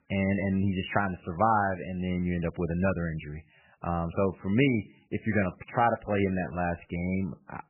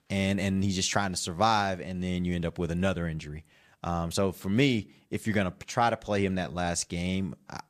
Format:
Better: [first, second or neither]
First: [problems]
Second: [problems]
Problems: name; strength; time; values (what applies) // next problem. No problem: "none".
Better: second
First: garbled, watery; badly; nothing above 3 kHz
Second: none